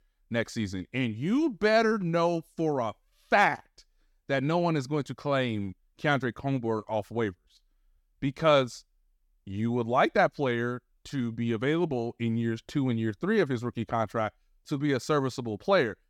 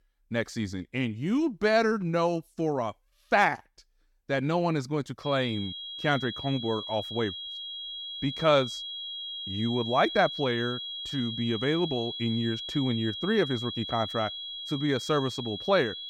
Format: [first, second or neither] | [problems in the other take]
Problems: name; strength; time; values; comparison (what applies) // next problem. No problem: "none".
first | high-pitched whine; loud; from 5.5 s on; 3.5 kHz, 6 dB below the speech